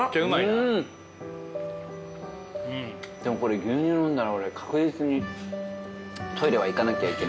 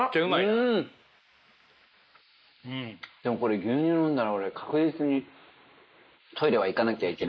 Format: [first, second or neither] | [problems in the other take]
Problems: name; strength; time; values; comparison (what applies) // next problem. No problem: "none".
first | noise reduction (neural mask model Resemble Enhance denoiser)